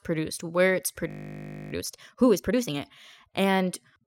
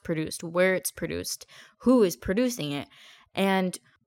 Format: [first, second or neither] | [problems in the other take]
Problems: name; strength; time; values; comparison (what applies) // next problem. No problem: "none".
second | audio freezing; at 1 s for 0.5 s